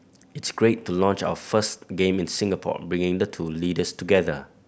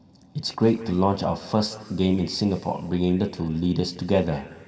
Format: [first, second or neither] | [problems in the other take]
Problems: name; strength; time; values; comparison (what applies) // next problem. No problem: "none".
first | room echo; dies away in 2 s